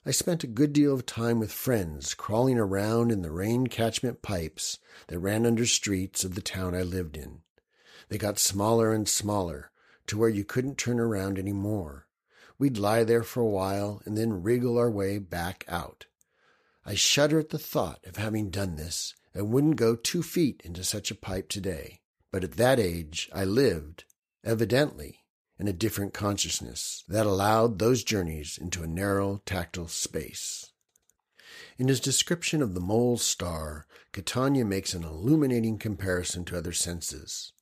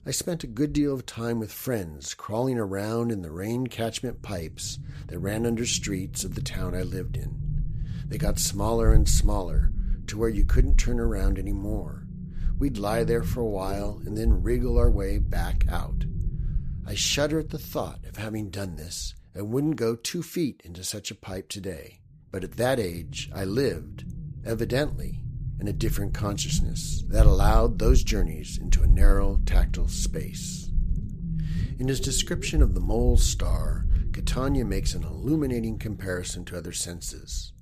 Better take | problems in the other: first | low rumble; noticeable; throughout; 15 dB below the speech

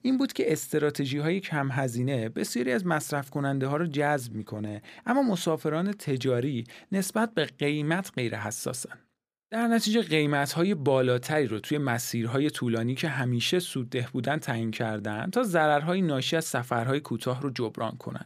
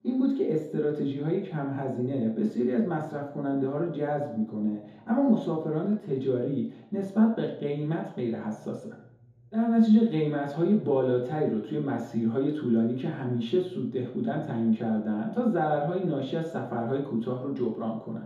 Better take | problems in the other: first | room echo; noticeable; dies away in 3 s // off-mic speech; far

